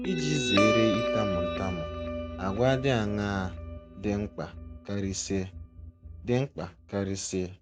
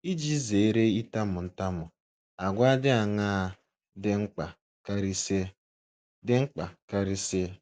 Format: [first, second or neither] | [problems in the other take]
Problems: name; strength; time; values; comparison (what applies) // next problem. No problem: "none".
second | background sound (Guitar); 3 dB below the speech